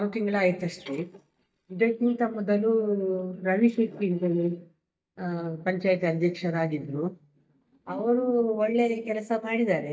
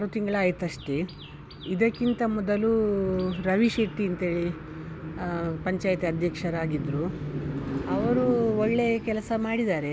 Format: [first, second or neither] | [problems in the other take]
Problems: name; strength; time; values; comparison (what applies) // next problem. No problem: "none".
second | noise reduction (neural mask model DeepFilterNet 3)